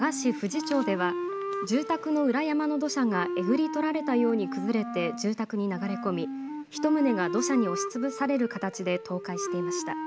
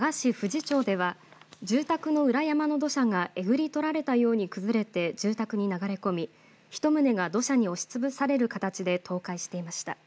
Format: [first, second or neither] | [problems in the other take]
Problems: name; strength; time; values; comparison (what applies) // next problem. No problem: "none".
second | background sound (Wind instrument, woodwind instrument); 6 dB below the speech